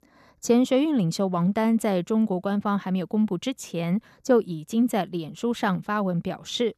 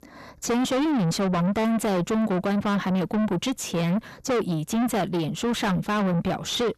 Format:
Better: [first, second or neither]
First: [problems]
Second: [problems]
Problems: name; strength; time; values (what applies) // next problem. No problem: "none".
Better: first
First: none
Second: distortion; heavy; 6 dB below the speech